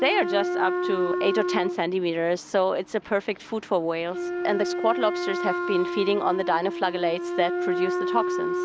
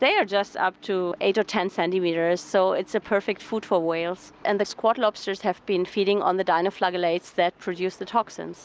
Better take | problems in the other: second | background sound (Wind instrument, woodwind instrument); 3 dB below the speech

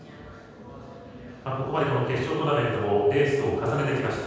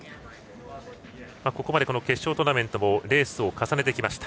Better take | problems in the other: second | room echo; dies away in 1.2 s

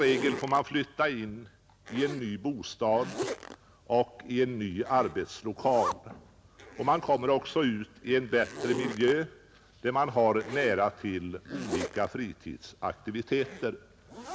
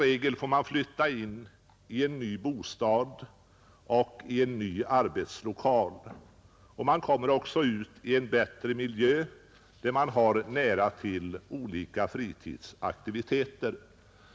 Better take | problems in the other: second | background sound (Zipper (clothing)); 11 dB below the speech

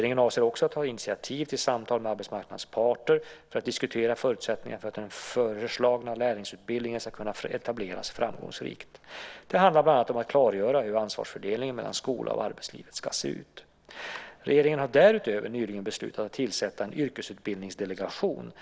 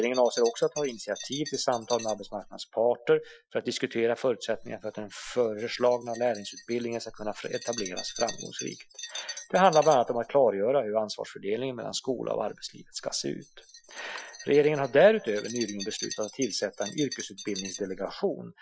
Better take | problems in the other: first | noise reduction (classical method Wiener filter)

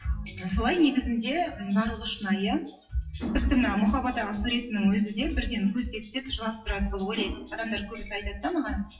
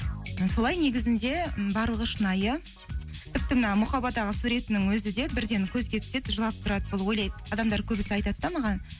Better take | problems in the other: second | noise reduction (classical method WPE with log-MMSE)

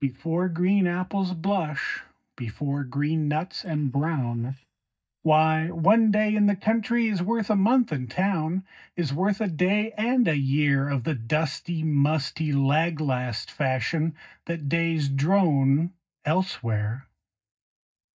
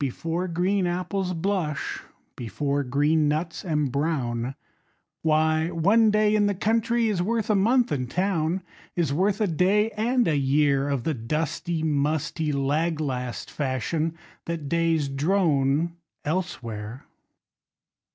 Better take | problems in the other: second | noise reduction (neural mask model DeepFilterNet 3)

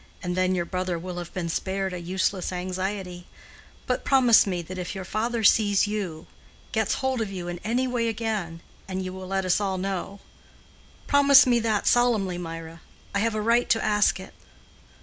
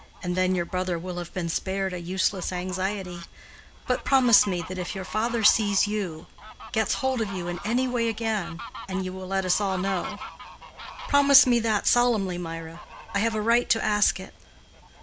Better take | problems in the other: first | background sound (Fowl); 16 dB below the speech

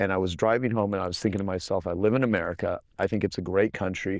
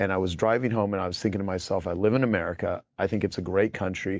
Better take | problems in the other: second | noise reduction (neural diffusion model UNIVERSE++)

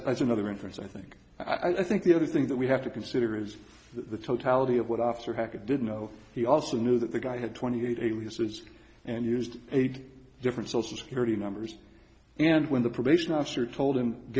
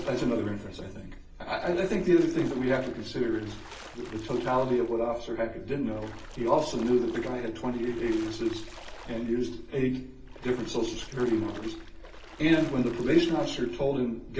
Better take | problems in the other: first | background sound (Splash, splatter); 20 dB below the speech // room echo; dies away in 0.3 s

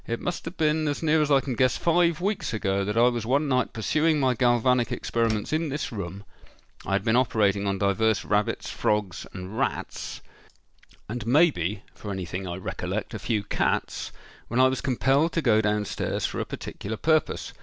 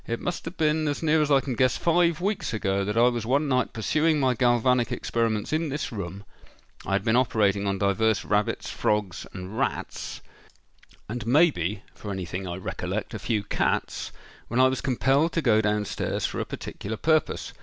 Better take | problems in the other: second | noise reduction (neural separator model SepFormer DNS4)

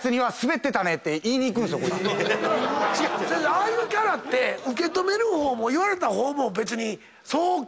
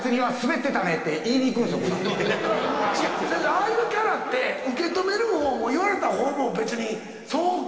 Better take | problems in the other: first | room echo; dies away in 2.5 s

